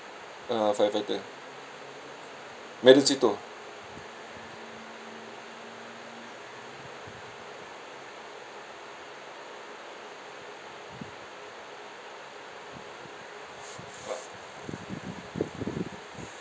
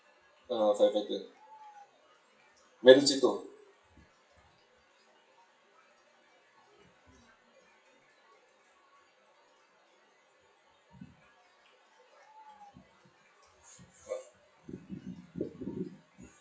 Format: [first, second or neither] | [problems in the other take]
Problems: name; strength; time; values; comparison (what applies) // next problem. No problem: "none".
first | noise reduction (classical method WPE with log-MMSE)